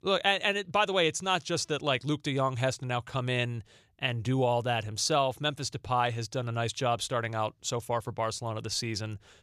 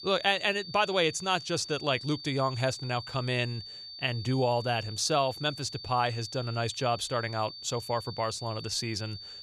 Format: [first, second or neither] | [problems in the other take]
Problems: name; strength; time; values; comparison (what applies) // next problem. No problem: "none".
first | high-pitched whine; noticeable; throughout; 4.5 kHz, 10 dB below the speech